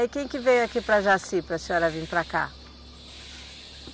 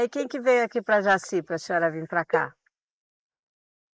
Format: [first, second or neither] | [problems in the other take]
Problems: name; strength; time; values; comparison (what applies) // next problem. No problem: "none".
first | noise reduction (neural mask model Resemble Enhance denoiser)